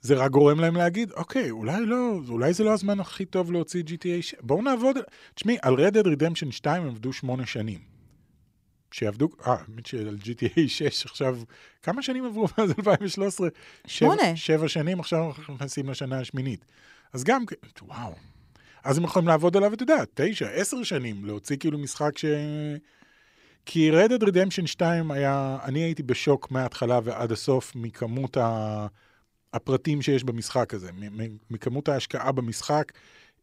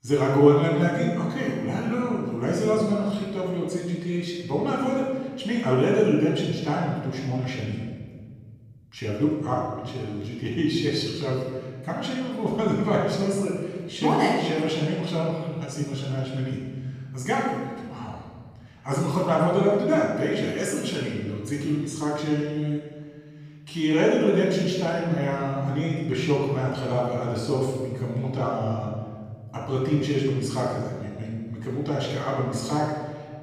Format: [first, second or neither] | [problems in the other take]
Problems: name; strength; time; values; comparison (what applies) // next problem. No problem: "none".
first | room echo; strong; dies away in 1.6 s // off-mic speech; far